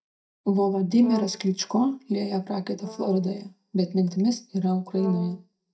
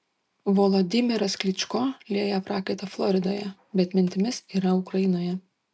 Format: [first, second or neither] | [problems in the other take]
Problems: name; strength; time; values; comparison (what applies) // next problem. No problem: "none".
second | noise reduction (neural mask model DeepFilterNet 3)